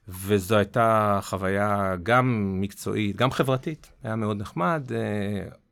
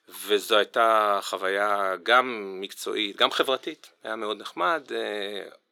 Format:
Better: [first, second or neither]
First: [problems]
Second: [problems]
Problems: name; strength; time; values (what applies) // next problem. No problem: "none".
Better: first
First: none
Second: thin; very; fading below 350 Hz